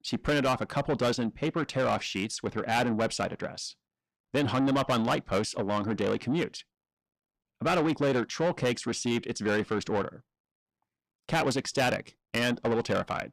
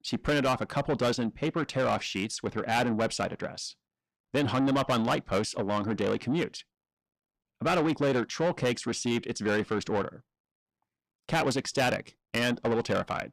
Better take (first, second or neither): neither